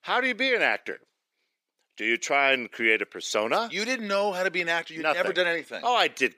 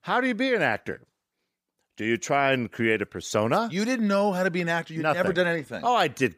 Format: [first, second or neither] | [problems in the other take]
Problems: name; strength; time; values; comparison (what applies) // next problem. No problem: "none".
second | thin; somewhat; fading below 350 Hz